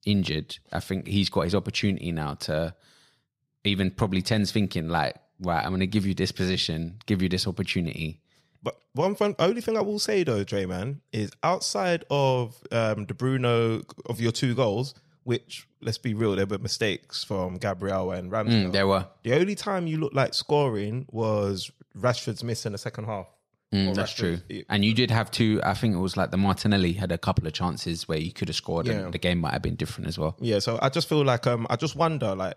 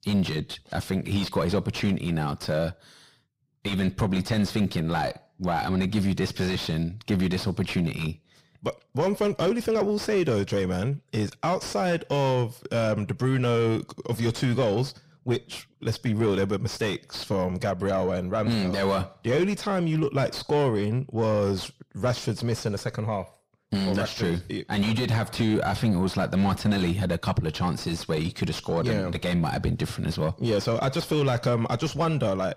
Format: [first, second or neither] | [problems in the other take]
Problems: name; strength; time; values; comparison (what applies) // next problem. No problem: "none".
first | distortion; heavy; 8 dB below the speech